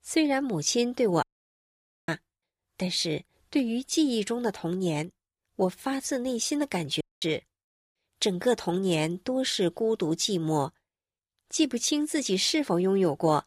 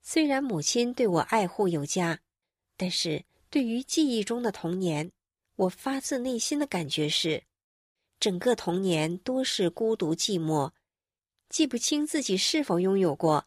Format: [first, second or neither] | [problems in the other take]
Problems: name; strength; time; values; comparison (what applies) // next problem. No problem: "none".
second | audio cutting out; at 1 s for 1 s and at 7 s